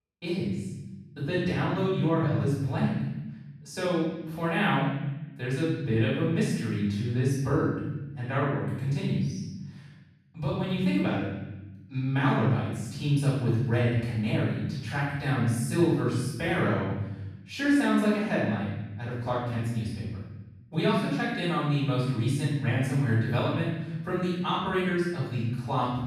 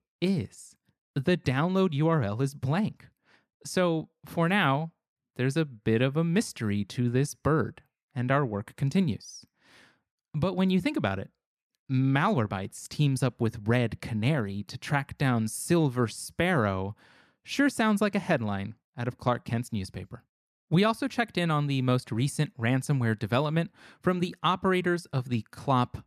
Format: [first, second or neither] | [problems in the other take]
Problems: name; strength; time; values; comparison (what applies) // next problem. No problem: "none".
second | room echo; strong; dies away in 1.1 s // off-mic speech; far